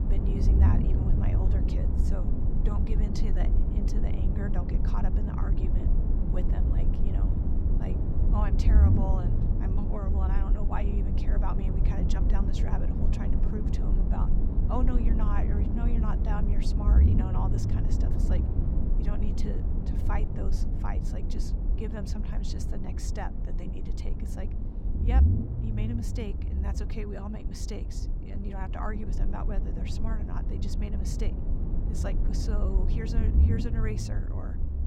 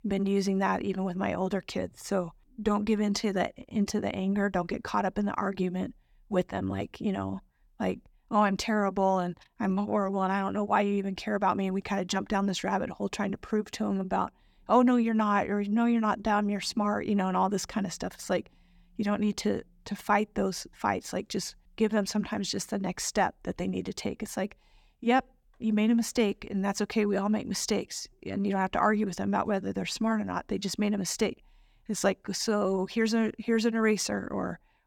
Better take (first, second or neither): second